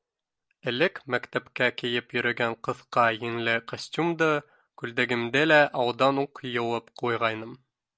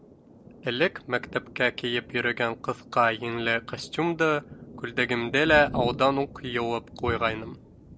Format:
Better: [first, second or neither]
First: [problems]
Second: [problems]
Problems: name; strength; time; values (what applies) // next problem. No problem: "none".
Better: first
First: none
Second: background sound (Thunder); 13 dB below the speech